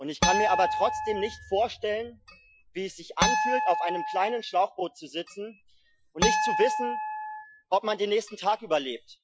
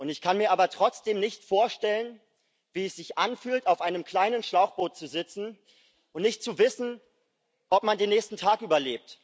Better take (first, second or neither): second